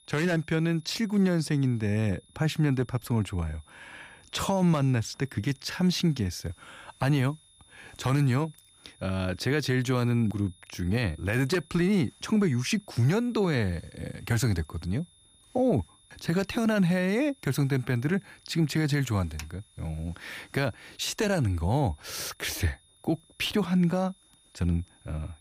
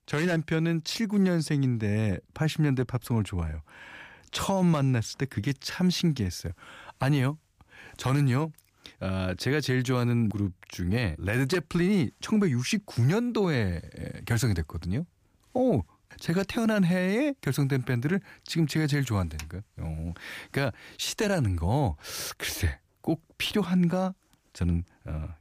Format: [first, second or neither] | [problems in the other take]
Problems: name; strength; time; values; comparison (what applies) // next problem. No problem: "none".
second | high-pitched whine; faint; throughout; 3.5 kHz, 30 dB below the speech